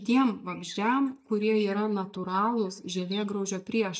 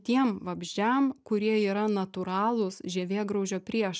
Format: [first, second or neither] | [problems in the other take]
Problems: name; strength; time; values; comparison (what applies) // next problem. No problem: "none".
second | noise reduction (neural mask model DeepFilterNet 3)